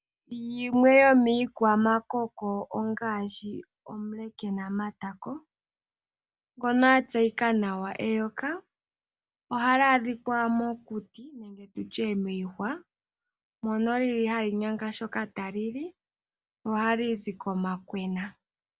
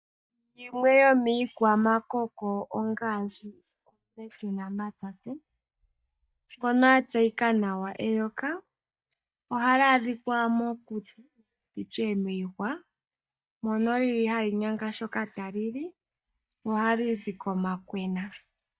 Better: first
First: none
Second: noise reduction (neural mask model DeepFilterNet 3)

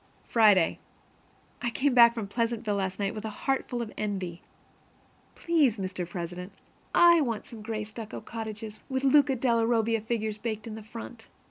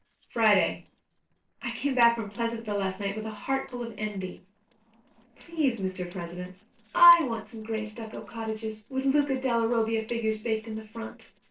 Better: first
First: none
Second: noise reduction (neural separator model SepFormer DNS4)

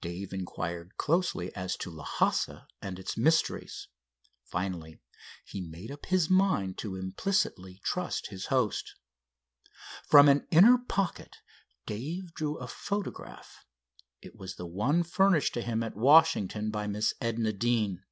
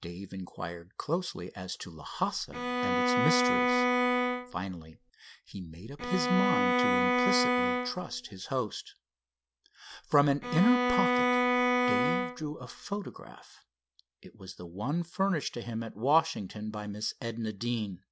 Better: first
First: none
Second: background sound (Bowed string instrument); 4 dB above the speech

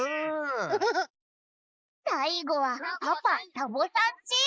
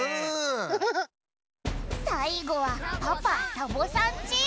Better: second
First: noise reduction (neural mask model Resemble Enhance denoiser)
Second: none

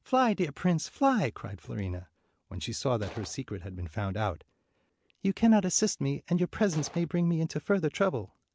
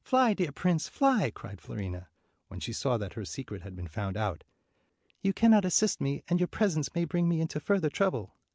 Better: second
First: background sound (Gunshot, gunfire); 16 dB below the speech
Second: none

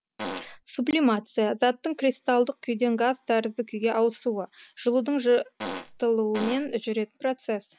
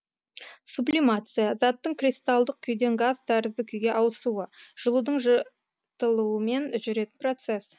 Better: second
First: background sound (Fart); 9 dB below the speech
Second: none

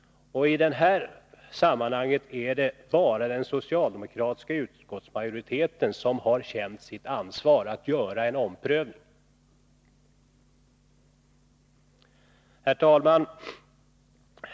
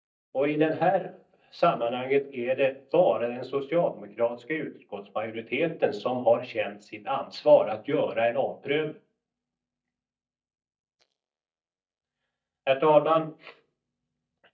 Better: first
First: none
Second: noise reduction (neural mask model DeepFilterNet 3)

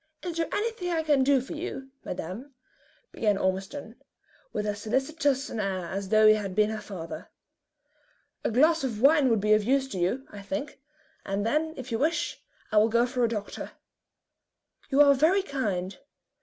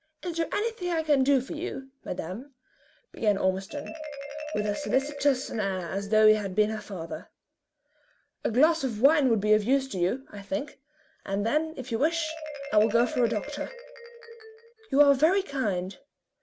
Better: first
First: none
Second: background sound (Marimba, xylophone); 15 dB below the speech

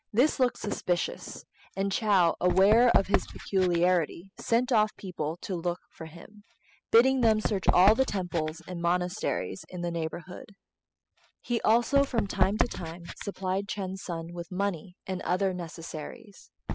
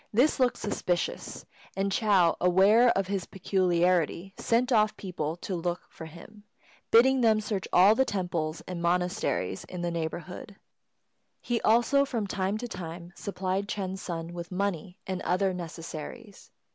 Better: second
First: noise reduction (classical method spectral subtraction)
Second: none

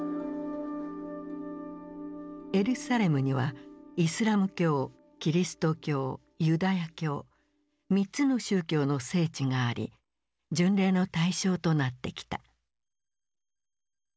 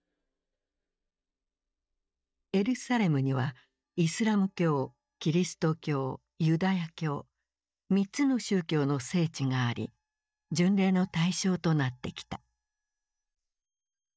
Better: first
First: none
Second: noise reduction (neural mask model DeepFilterNet 3)

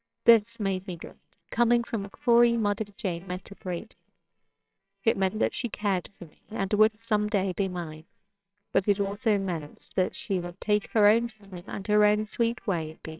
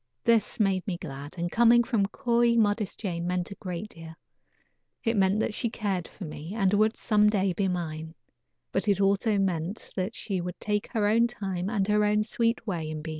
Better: second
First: noise reduction (neural separator model SepFormer WHAMR!)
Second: none

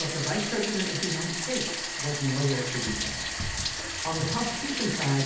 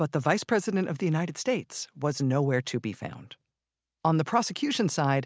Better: second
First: background sound (Bathtub (filling or washing)); 1 dB below the speech // room echo; dies away in 0.8 s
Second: none

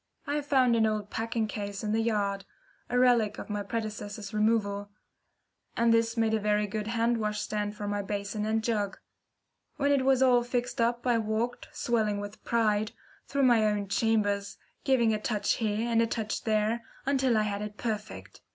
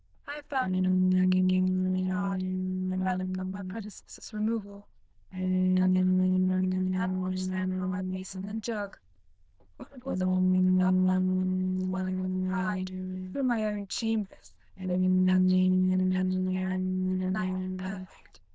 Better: first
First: none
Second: noise reduction (neural diffusion model UNIVERSE++)

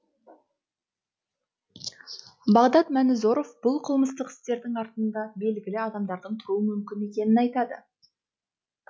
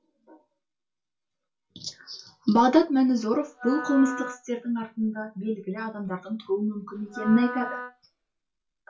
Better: first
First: none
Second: background sound (Wind instrument, woodwind instrument); 11 dB below the speech // room echo; dies away in 0.2 s

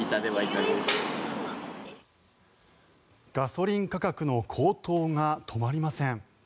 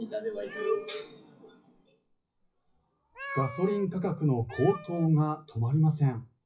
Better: first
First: none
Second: noise reduction (classical method WPE with log-MMSE)

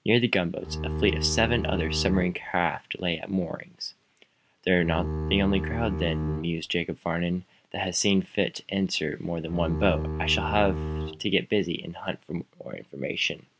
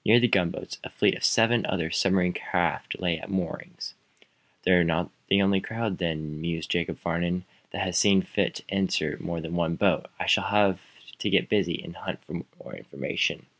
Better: second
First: background sound (Bowed string instrument); 3 dB below the speech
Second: none

